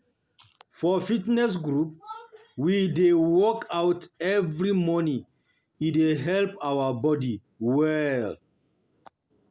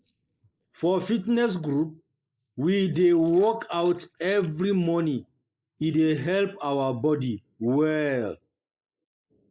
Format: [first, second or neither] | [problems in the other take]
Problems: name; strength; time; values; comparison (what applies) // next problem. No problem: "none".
first | noise reduction (neural mask model Resemble Enhance denoiser)